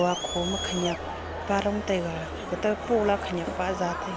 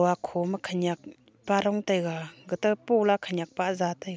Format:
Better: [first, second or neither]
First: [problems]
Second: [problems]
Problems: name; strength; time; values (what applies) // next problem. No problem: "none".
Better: second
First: background sound (Crowd); 5 dB below the speech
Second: none